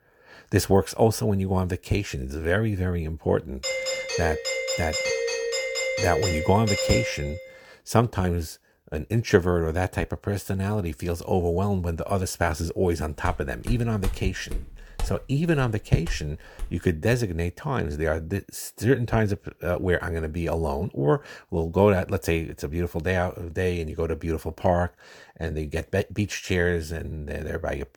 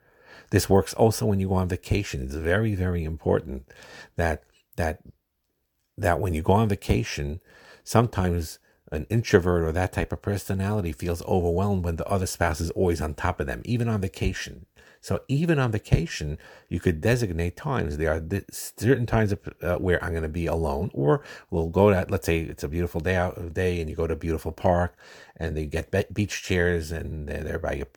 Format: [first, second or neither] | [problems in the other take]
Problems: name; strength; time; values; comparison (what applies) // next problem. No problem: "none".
second | doorbell; loud; from 3.5 to 7.5 s; peak 2 dB above the speech // footsteps; noticeable; from 13 to 17 s; peak 8 dB below the speech